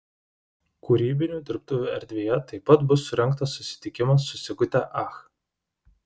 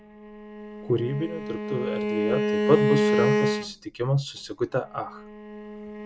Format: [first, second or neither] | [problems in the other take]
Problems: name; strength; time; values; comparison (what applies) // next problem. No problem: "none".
first | background sound (Bowed string instrument); 1 dB above the speech